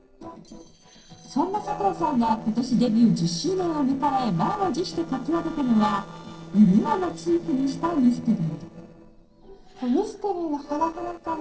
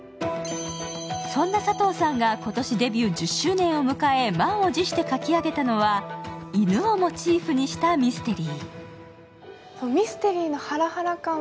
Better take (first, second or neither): second